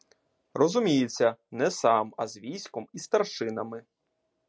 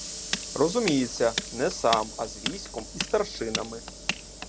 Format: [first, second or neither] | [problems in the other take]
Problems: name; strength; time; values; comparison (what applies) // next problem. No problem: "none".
first | background sound (Sliding door / Hiss + Tools); 6 dB below the speech